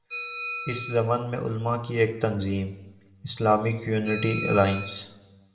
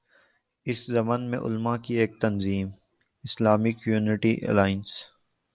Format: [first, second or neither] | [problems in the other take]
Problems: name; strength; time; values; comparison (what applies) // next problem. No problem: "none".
second | background sound (Bell); 12 dB below the speech // room echo; dies away in 0.7 s